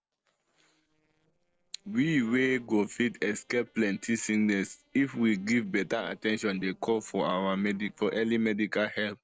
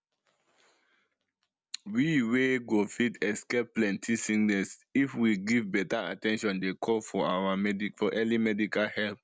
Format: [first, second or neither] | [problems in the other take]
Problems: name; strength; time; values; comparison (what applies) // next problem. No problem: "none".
second | noise reduction (neural separator model SepFormer DNS4)